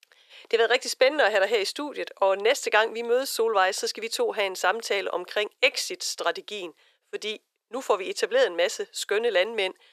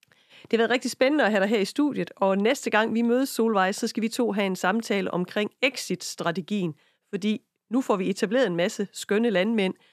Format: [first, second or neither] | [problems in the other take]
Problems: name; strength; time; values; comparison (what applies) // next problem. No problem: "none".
second | thin; very; fading below 450 Hz